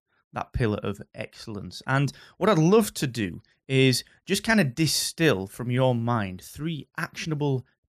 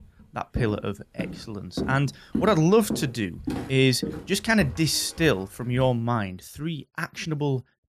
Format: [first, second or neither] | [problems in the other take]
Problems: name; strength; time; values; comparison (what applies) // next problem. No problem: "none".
first | footsteps; noticeable; from 0.5 to 6 s; peak 6 dB below the speech